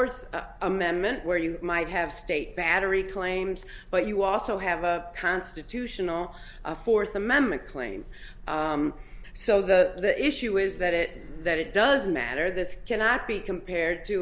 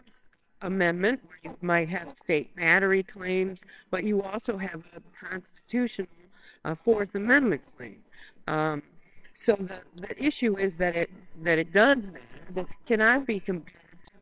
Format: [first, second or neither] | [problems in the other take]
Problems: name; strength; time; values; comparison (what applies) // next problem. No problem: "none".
first | noise reduction (neural separator model SepFormer WHAMR!)